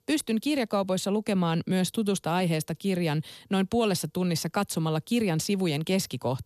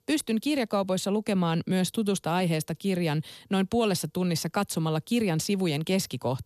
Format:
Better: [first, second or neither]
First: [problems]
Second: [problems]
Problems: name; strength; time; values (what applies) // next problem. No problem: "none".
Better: neither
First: none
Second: none